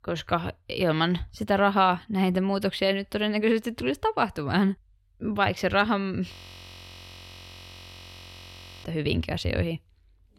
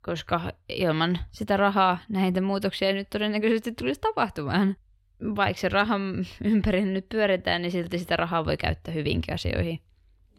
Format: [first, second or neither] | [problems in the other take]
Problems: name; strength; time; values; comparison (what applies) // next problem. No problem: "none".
second | audio freezing; at 6.5 s for 2.5 s